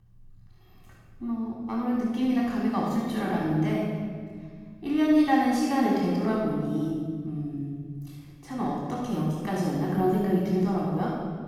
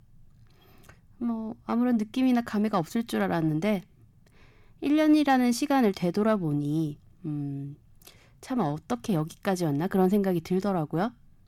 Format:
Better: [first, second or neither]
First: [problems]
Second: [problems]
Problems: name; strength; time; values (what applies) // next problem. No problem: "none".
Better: second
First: room echo; strong; dies away in 1.7 s // off-mic speech; far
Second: none